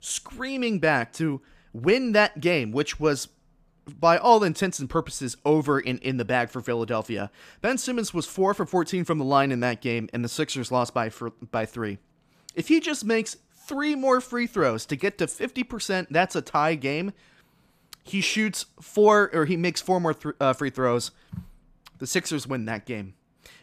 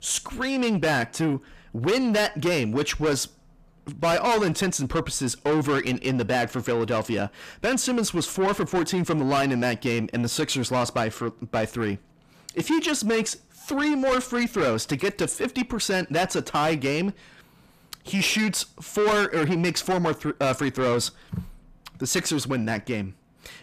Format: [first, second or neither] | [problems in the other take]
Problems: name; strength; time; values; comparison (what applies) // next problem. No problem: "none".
first | distortion; heavy; 6 dB below the speech